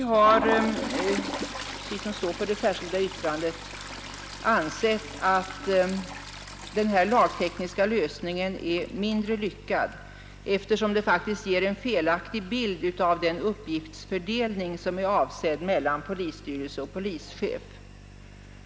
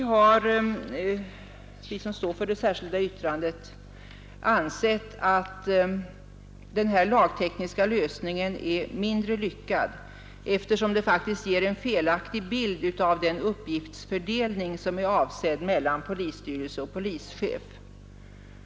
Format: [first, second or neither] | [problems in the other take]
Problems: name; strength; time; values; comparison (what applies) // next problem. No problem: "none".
second | background sound (Toilet flush); 12 dB below the speech